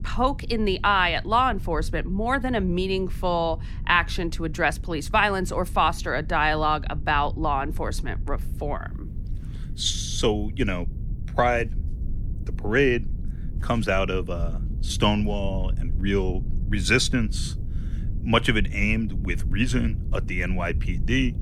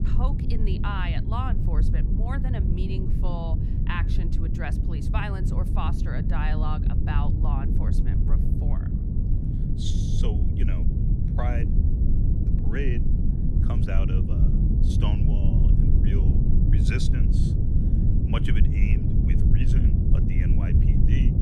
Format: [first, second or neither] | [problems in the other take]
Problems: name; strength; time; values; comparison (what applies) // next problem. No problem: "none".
first | low rumble; loud; throughout; 1 dB below the speech; faint in the first